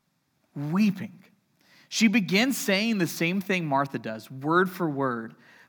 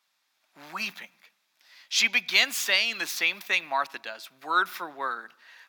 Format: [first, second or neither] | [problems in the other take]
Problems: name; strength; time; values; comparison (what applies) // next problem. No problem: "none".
first | thin; very; fading below 900 Hz